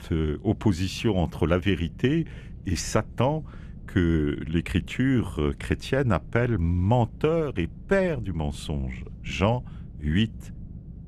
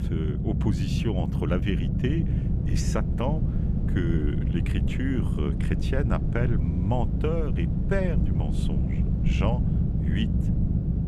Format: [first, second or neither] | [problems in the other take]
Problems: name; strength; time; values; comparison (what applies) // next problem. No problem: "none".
first | low rumble; loud; throughout; 3 dB below the speech; faint in the first